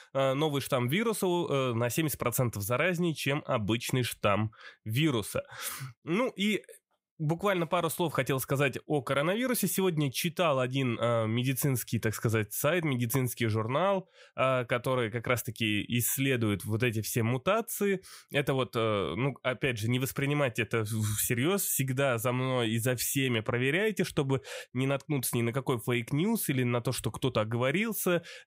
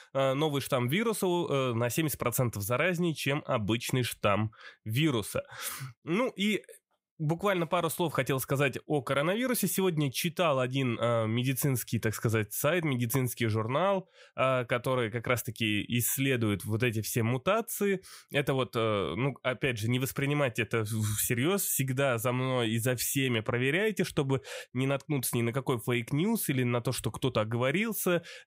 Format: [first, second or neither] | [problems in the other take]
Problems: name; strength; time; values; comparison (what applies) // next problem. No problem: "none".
neither | none